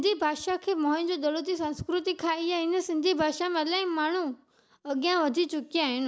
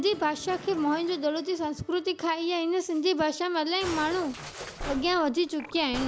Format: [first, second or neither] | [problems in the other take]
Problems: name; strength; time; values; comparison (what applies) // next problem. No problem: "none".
first | background sound (Musical instrument); 14 dB below the speech